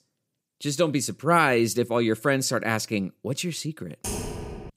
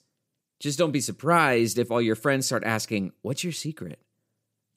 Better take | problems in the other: second | keyboard typing; noticeable; at 4 s; peak 7 dB below the speech

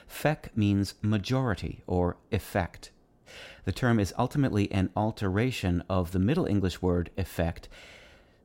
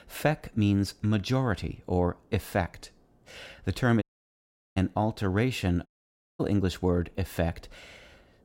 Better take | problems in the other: first | audio cutting out; at 4 s for 0.5 s and at 6 s for 0.5 s

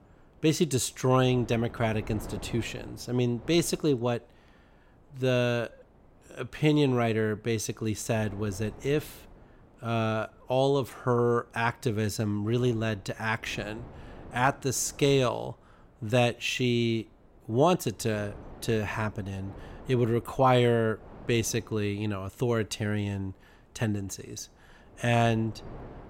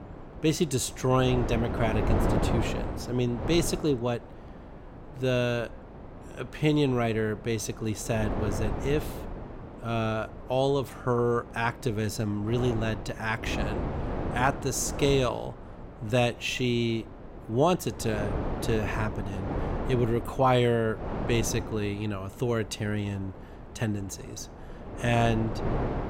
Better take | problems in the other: first | wind noise on the microphone; heavy; 9 dB below the speech; occasional gusts in the first

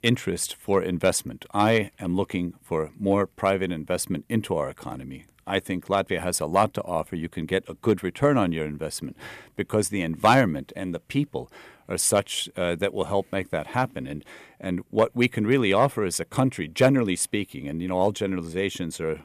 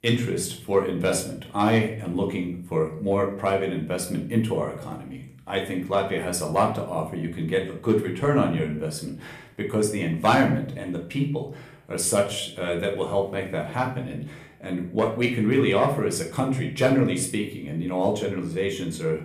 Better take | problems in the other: first | room echo; slight; dies away in 0.5 s // off-mic speech; somewhat distant

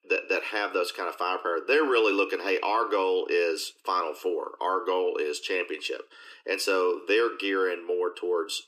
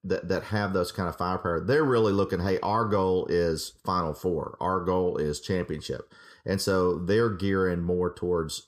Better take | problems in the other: second | thin; somewhat; fading below 300 Hz

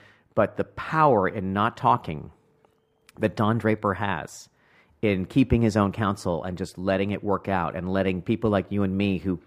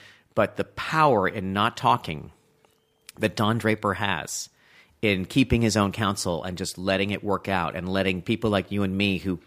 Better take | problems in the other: second | muffled; slightly; fading above 2 kHz

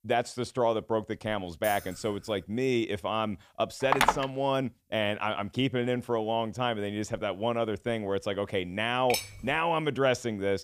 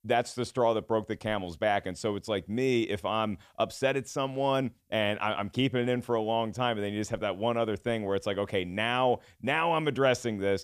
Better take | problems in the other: second | jangling keys; faint; at 1.5 s; peak 10 dB below the speech // phone ringing; loud; at 4 s; peak 4 dB above the speech // clattering dishes; noticeable; at 9 s; peak 3 dB below the speech

